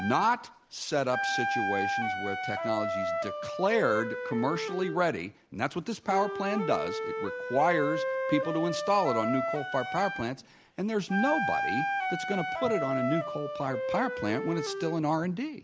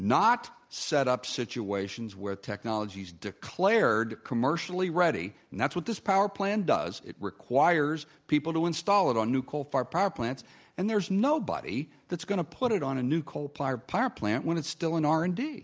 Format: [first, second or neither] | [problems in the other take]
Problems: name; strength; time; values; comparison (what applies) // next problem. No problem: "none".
second | background sound (Wind instrument, woodwind instrument); 3 dB below the speech